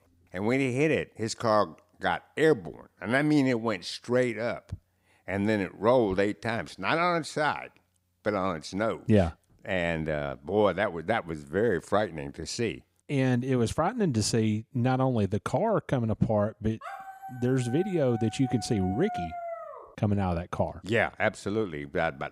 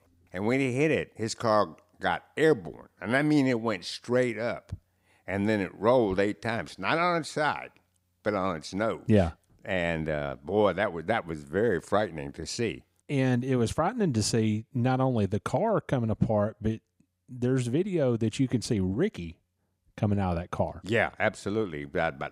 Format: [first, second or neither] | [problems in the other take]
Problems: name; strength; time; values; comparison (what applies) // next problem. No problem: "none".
second | dog barking; noticeable; from 17 to 20 s; peak 8 dB below the speech